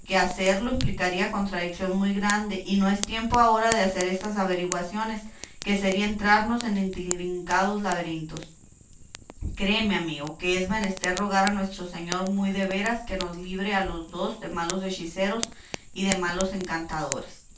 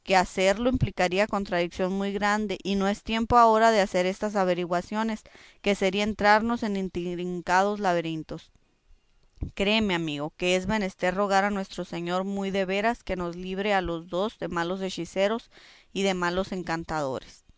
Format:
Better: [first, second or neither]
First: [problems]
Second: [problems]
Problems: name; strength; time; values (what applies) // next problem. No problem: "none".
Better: second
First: background sound (Fire); 14 dB below the speech // room echo; dies away in 0.3 s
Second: none